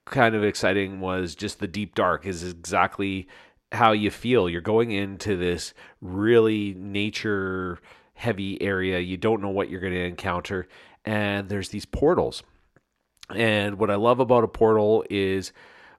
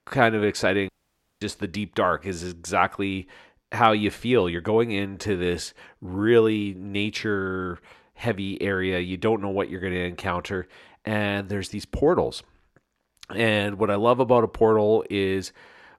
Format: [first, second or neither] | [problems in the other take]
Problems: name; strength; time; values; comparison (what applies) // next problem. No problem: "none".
first | audio cutting out; at 1 s for 0.5 s